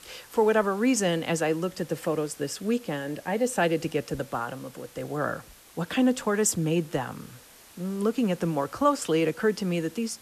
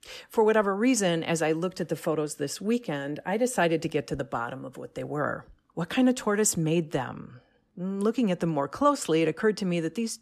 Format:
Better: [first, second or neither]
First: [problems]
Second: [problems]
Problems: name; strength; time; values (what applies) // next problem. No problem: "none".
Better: second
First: hiss; faint; throughout; 20 dB below the speech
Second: none